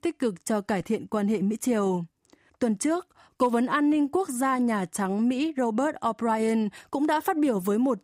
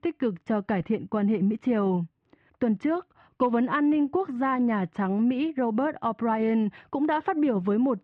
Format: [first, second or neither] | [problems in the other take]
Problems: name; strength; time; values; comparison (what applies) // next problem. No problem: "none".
first | muffled; very; fading above 3 kHz